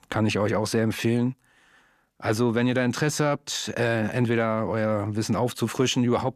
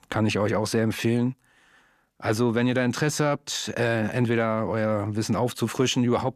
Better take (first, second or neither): neither